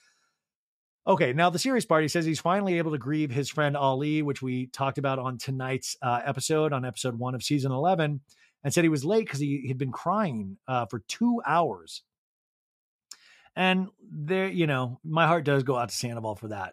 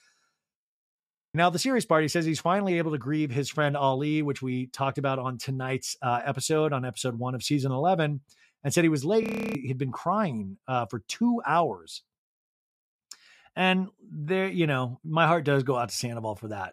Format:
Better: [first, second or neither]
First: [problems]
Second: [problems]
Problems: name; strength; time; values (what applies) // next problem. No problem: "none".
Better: first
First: none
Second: audio freezing; at 1 s and at 9 s